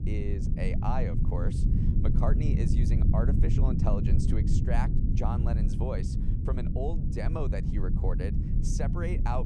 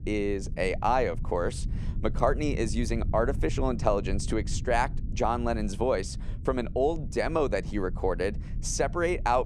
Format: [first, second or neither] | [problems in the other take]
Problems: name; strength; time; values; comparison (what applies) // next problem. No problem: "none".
second | low rumble; loud; throughout; 2 dB below the speech; faint in the second